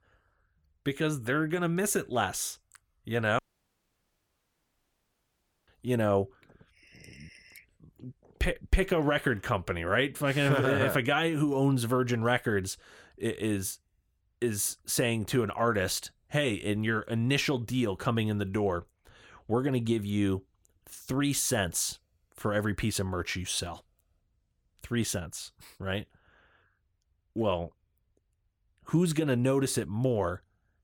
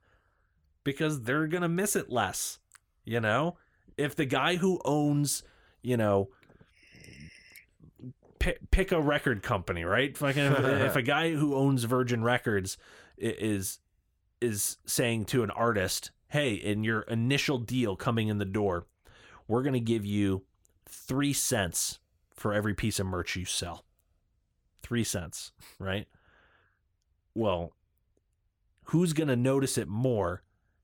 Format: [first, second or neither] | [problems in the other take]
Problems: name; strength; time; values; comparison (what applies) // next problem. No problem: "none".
second | audio cutting out; at 3.5 s for 2.5 s